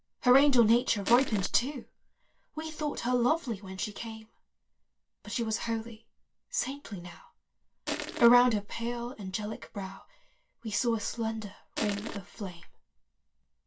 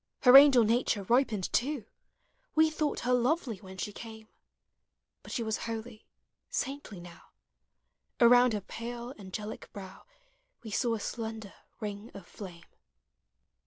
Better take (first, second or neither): second